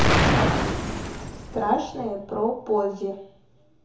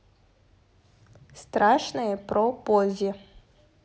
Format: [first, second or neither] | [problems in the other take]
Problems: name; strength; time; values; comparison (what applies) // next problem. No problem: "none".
second | background sound (Explosion); 3 dB above the speech // room echo; dies away in 0.7 s